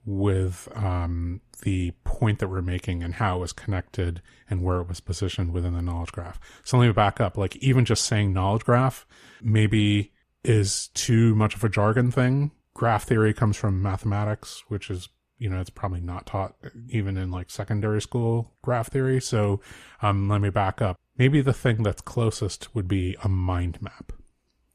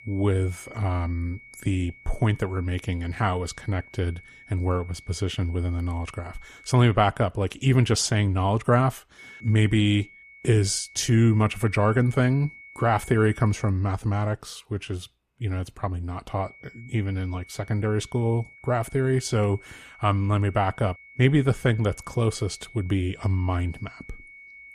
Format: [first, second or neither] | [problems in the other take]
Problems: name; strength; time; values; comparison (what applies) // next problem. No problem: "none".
first | high-pitched whine; faint; until 7 s, from 9 to 14 s and from 16 s on; 2 kHz, 20 dB below the speech